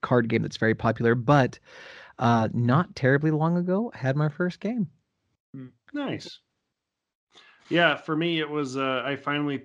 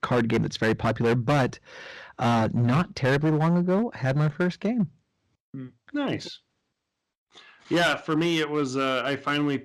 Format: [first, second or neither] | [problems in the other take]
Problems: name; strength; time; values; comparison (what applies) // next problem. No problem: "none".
first | distortion; heavy; 8% of the sound clipped